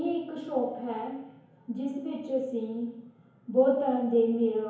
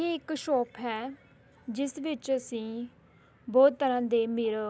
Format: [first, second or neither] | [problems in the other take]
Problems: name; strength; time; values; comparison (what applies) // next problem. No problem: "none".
second | room echo; dies away in 1 s